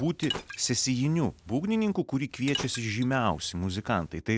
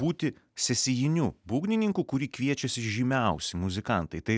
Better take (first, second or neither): second